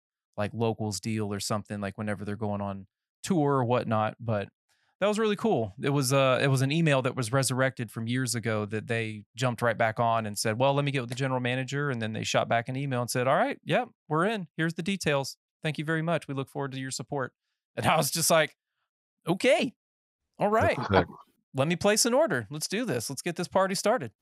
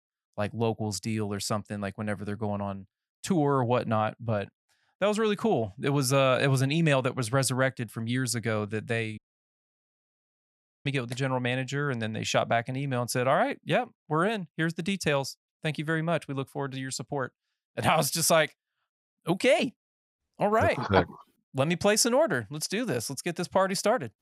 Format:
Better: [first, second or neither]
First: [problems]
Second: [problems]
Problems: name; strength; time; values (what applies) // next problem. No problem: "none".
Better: first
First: none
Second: audio cutting out; at 9 s for 1.5 s